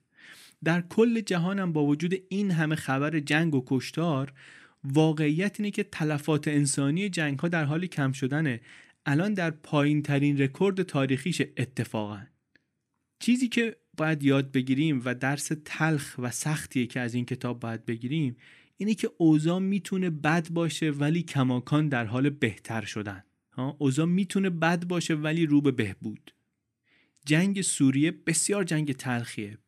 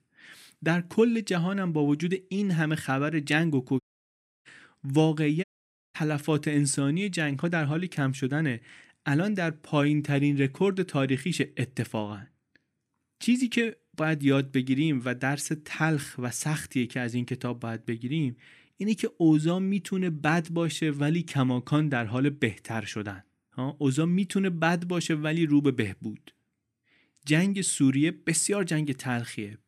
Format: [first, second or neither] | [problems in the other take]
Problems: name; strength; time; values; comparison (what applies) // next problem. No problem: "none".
first | audio cutting out; at 4 s for 0.5 s and at 5.5 s for 0.5 s